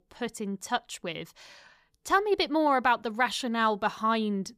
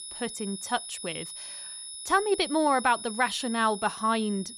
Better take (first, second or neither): first